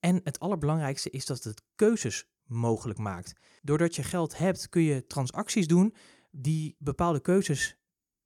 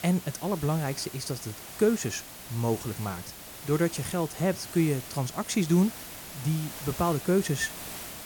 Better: first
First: none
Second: hiss; noticeable; throughout; 10 dB below the speech

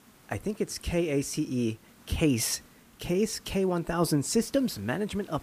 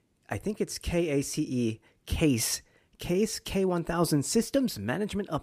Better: second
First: hiss; faint; throughout; 25 dB below the speech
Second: none

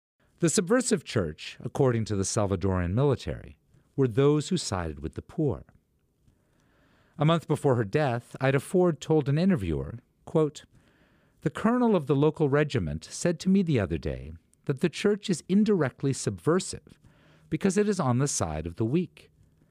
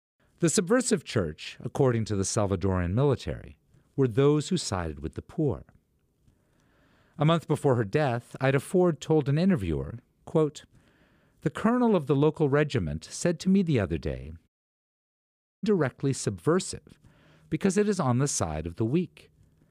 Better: first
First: none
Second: audio cutting out; at 14 s for 1 s

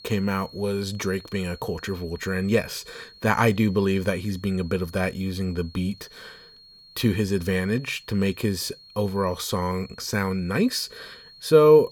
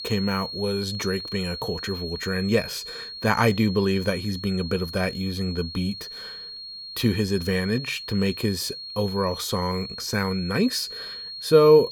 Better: first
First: high-pitched whine; faint; throughout; 4.5 kHz, 20 dB below the speech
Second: high-pitched whine; loud; throughout; 4.5 kHz, 9 dB below the speech

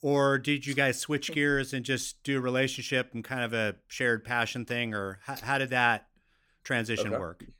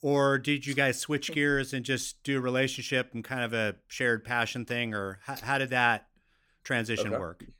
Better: neither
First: none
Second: none

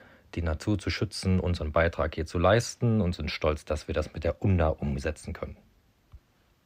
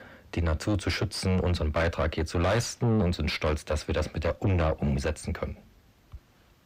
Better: first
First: none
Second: distortion; heavy; 7 dB below the speech

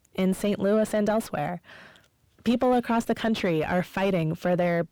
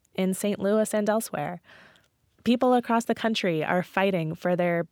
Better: second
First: distortion; slight; 10 dB below the speech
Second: none

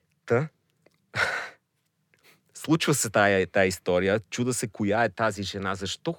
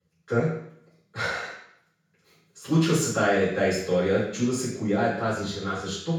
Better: first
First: none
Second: room echo; noticeable; dies away in 0.6 s // off-mic speech; far

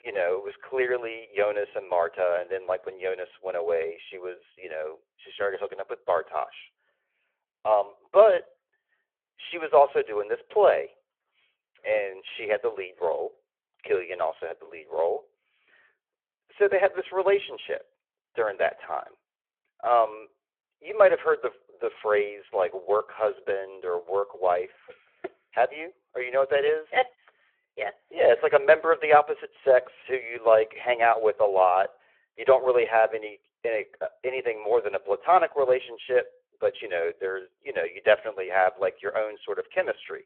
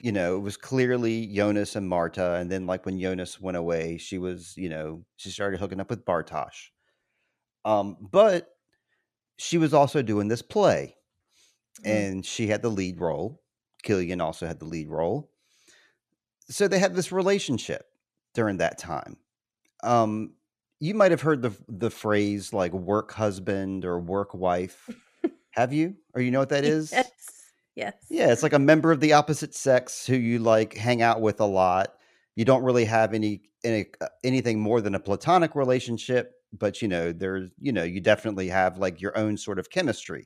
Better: second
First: phone-call audio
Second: none

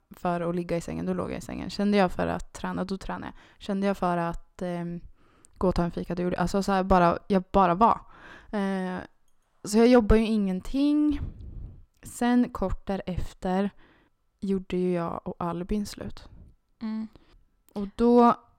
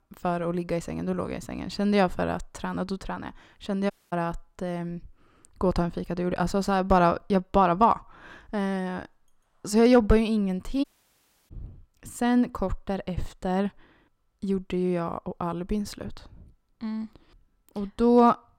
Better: first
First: none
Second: audio cutting out; at 4 s and at 11 s for 0.5 s

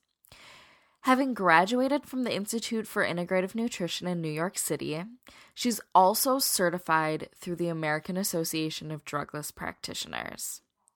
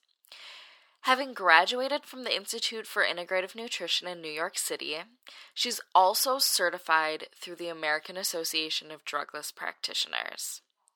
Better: first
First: none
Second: thin; somewhat; fading below 550 Hz

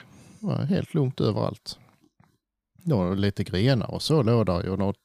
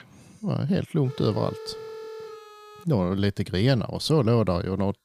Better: first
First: none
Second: phone ringing; faint; from 1 to 3 s; peak 15 dB below the speech

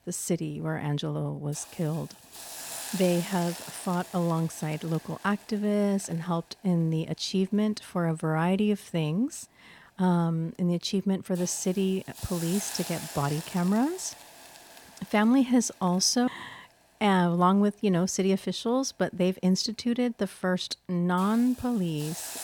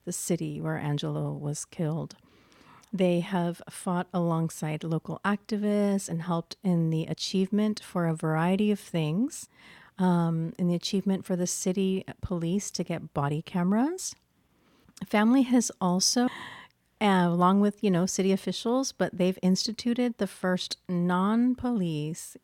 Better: second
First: hiss; noticeable; throughout; 15 dB below the speech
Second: none

